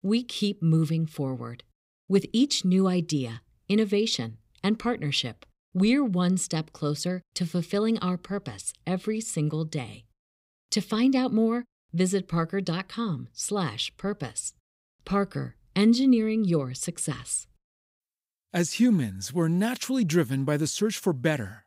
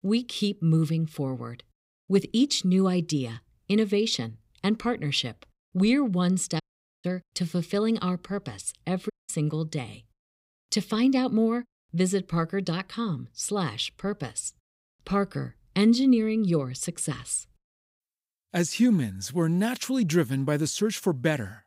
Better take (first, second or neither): first